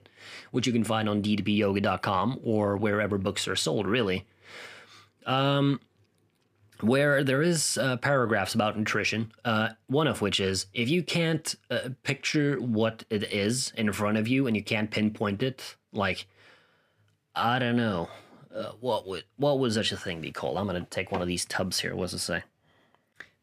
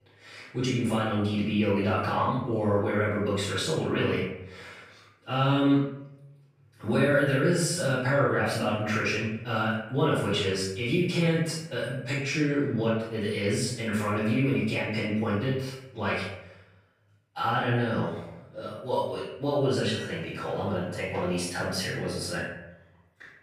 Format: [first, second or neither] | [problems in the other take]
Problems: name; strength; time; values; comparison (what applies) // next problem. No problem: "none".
first | off-mic speech; far // room echo; noticeable; dies away in 0.7 s